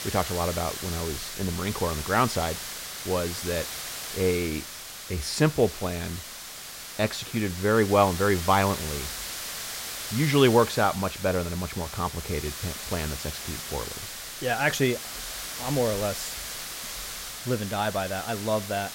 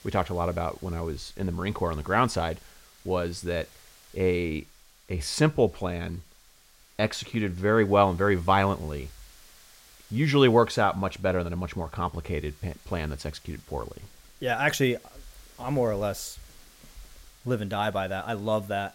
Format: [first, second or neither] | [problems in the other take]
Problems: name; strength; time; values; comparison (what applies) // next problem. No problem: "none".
second | hiss; loud; throughout; 7 dB below the speech; faint in the second